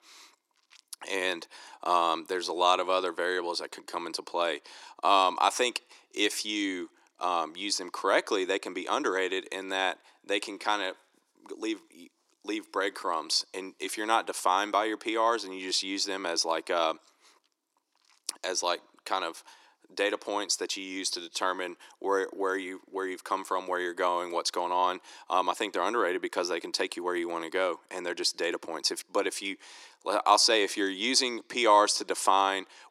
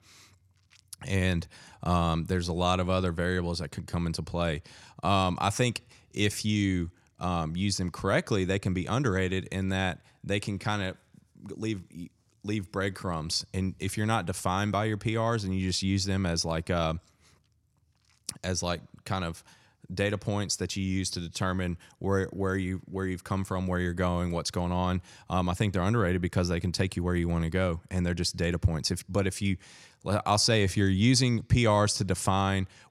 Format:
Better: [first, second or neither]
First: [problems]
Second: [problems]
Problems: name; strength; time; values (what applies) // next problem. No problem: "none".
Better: second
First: thin; very; fading below 300 Hz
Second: none